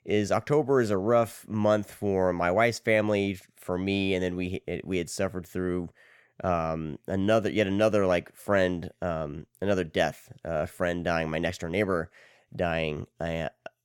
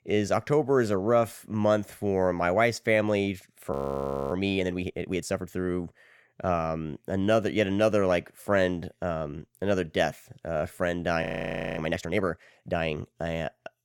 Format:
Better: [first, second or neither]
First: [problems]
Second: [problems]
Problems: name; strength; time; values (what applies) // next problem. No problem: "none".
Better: first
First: none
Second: audio freezing; at 3.5 s for 0.5 s and at 11 s for 0.5 s